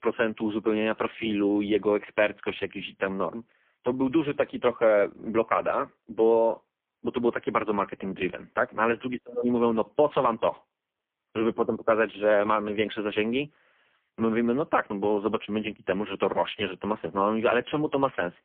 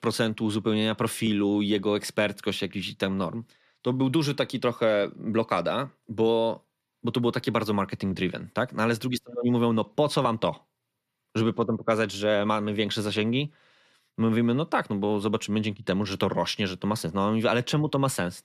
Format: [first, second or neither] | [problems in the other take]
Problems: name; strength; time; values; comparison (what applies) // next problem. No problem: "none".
second | phone-call audio; poor line; nothing above 3.5 kHz